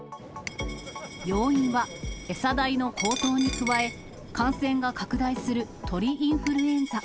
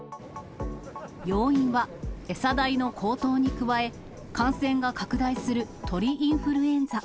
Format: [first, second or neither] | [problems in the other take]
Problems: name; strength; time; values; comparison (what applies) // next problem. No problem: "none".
second | background sound (Coin (dropping)); 12 dB below the speech